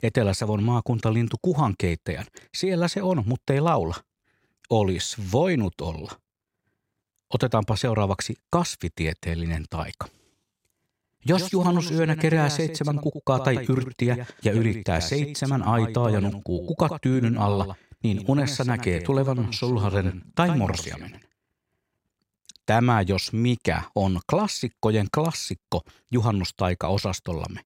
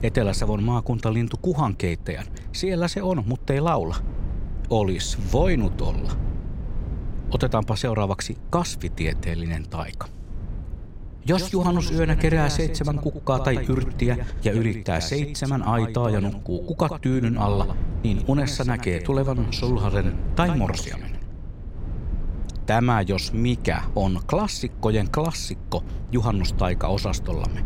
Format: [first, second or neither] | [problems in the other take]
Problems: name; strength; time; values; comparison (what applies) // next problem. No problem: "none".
first | low rumble; noticeable; throughout; 20 dB below the speech